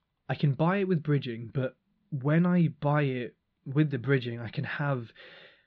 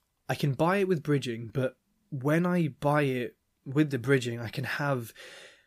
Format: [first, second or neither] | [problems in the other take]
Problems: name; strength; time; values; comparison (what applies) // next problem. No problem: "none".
second | muffled; very slightly; fading above 4 kHz